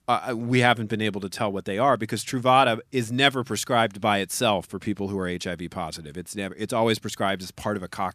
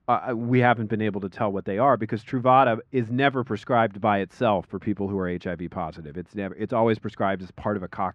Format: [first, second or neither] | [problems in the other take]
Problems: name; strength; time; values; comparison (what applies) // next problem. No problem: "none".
first | muffled; very; fading above 1.5 kHz